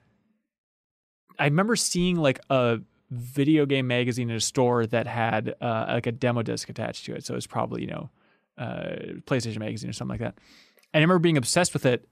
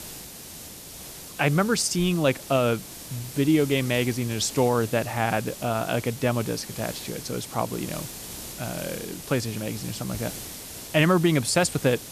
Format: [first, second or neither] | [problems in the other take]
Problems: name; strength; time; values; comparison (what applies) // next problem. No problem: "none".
first | hiss; noticeable; throughout; 10 dB below the speech